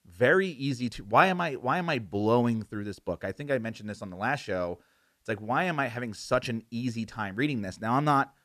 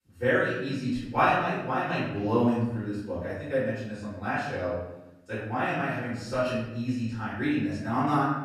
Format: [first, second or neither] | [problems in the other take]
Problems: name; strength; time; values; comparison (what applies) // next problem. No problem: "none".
first | room echo; strong; dies away in 0.8 s // off-mic speech; far